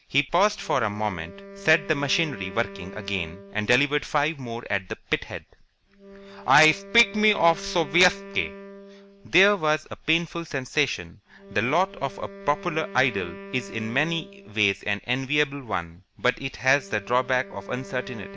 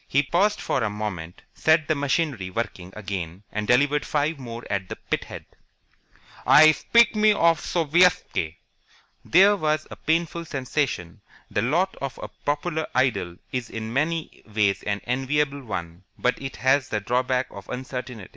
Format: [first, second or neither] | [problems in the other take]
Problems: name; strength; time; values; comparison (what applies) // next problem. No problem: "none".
second | background sound (Wind instrument, woodwind instrument); 17 dB below the speech